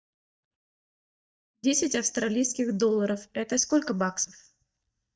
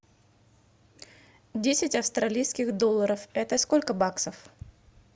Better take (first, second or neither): second